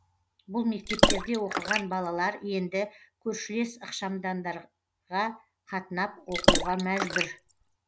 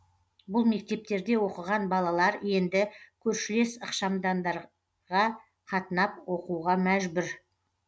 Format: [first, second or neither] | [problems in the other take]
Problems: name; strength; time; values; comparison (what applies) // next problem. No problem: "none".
second | background sound (Water / Splash, splatter); 4 dB above the speech